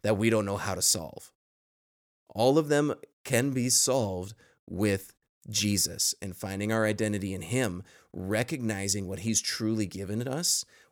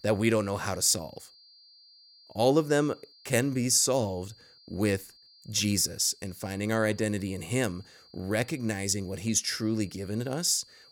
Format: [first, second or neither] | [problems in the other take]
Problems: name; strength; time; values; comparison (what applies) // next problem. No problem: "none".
first | high-pitched whine; faint; throughout; 4.5 kHz, 25 dB below the speech